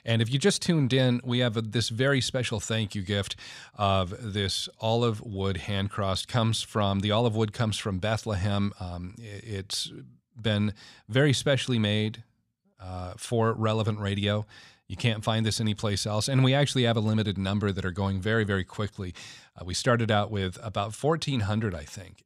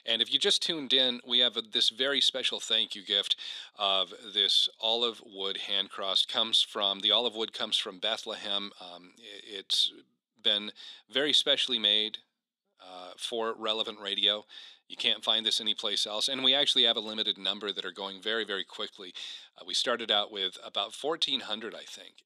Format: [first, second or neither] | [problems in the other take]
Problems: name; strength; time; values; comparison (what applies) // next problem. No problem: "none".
first | thin; somewhat; fading below 300 Hz